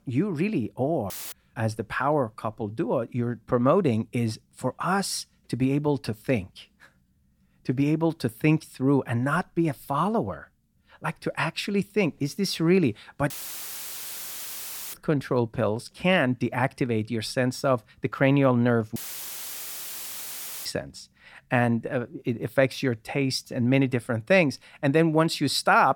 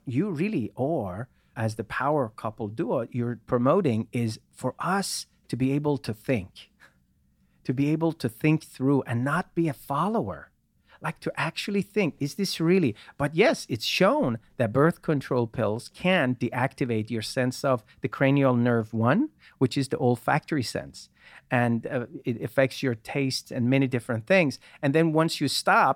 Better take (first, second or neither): second